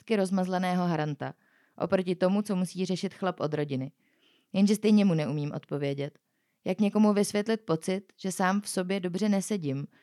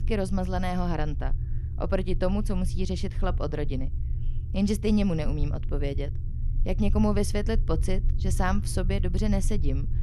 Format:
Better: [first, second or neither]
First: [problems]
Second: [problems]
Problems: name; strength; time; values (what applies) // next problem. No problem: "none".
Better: first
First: none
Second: low rumble; noticeable; throughout; 15 dB below the speech